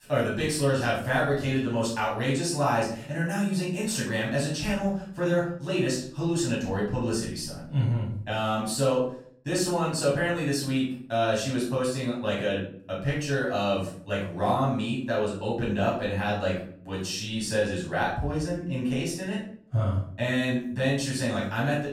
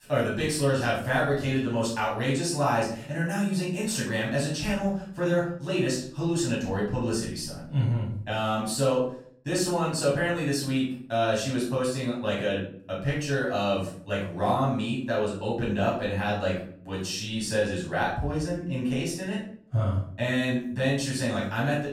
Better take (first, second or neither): neither